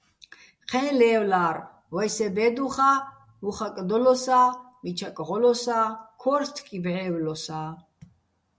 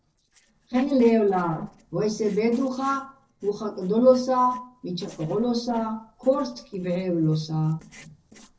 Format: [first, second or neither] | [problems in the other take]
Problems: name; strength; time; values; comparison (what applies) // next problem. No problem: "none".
first | noise reduction (neural separator model SepFormer DNS4)